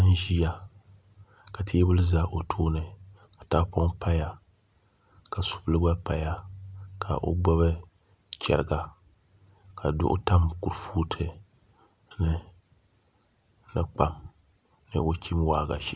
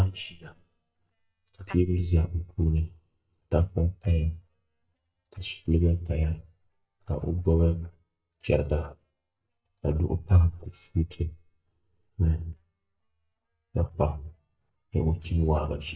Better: first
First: none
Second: noise reduction (neural mask model DeepFilterNet 3)

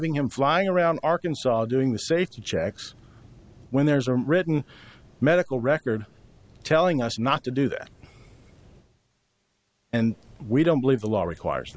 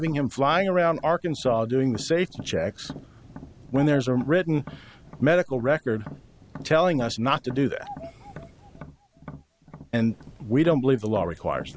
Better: first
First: none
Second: background sound (Bird vocalization, bird call, bird song + Tap); 18 dB below the speech

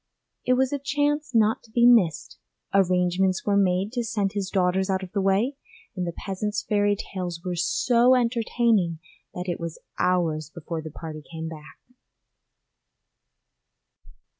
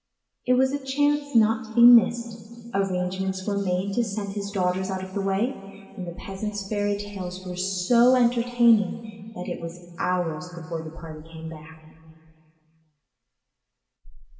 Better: first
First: none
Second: room echo; dies away in 2.7 s

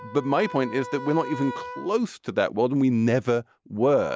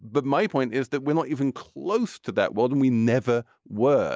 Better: second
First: background sound (Wind instrument, woodwind instrument); 15 dB below the speech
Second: none

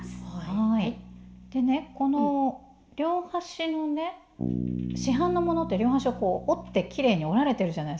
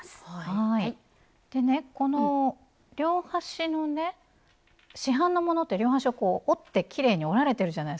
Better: second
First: background sound (Bass guitar); 11 dB below the speech // room echo; dies away in 0.6 s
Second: none

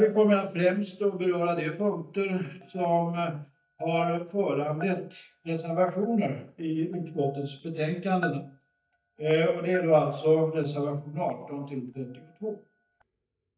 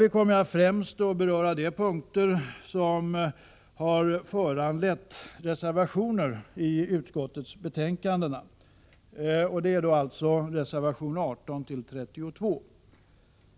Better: second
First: noise reduction (neural mask model DeepFilterNet 3)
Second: none

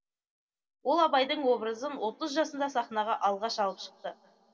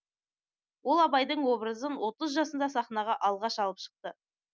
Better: second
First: room echo; dies away in 3 s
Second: none

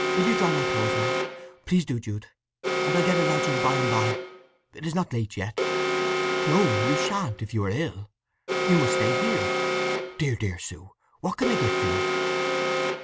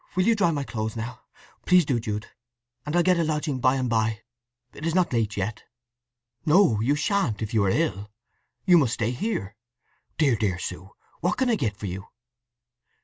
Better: second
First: background sound (Alarm); 2 dB above the speech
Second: none

